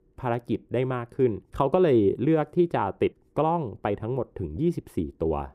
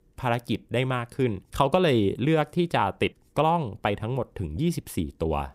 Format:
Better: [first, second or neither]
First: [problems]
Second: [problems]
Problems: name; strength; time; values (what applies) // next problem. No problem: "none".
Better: second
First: muffled; slightly; fading above 2 kHz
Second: none